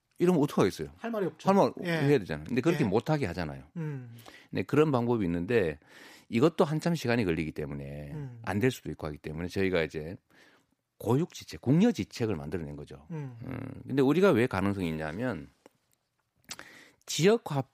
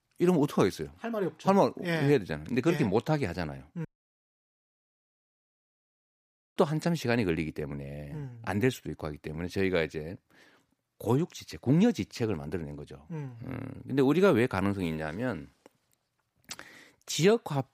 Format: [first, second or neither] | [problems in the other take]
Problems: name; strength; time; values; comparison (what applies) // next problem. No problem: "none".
first | audio cutting out; at 4 s for 2.5 s